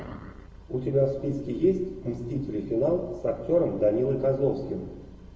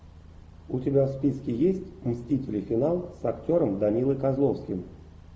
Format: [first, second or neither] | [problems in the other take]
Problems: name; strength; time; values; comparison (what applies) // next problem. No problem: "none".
second | room echo; dies away in 1.1 s